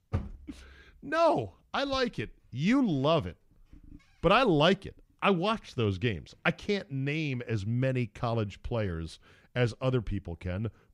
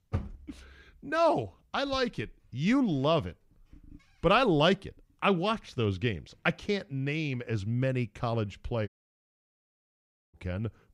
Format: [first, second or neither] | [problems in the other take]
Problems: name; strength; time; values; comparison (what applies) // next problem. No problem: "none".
first | audio cutting out; at 9 s for 1.5 s